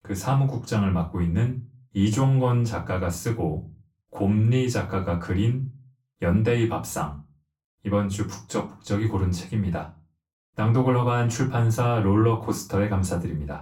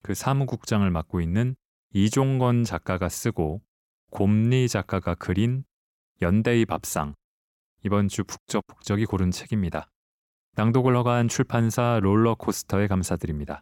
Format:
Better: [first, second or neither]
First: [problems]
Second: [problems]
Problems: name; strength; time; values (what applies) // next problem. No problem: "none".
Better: second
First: off-mic speech; far // room echo; very slight; dies away in 0.3 s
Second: none